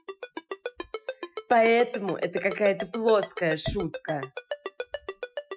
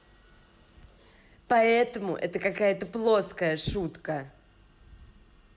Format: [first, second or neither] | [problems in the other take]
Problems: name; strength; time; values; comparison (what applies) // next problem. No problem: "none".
second | noise reduction (classical method Wiener filter)